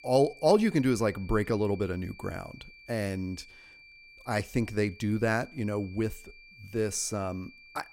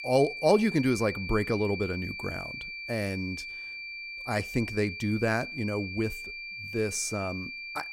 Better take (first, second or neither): first